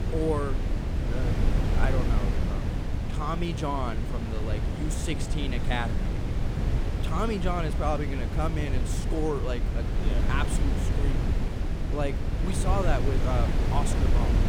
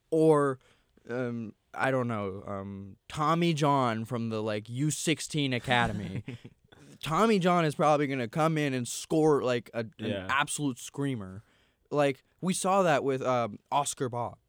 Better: second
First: wind noise on the microphone; heavy; 4 dB below the speech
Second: none

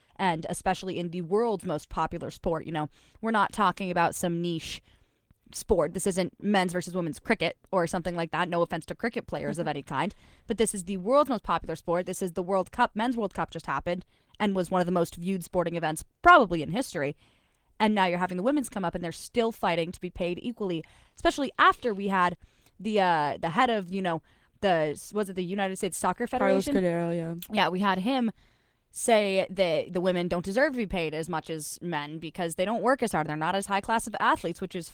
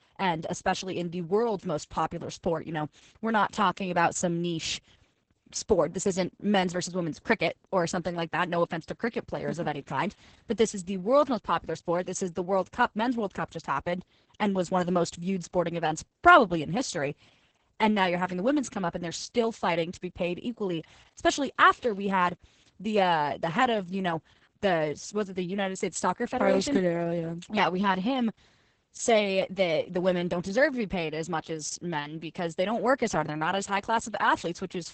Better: first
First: garbled, watery; slightly; nothing above 19 kHz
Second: garbled, watery; badly; nothing above 8 kHz

